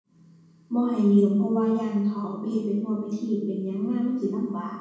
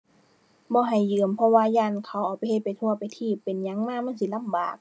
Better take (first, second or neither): second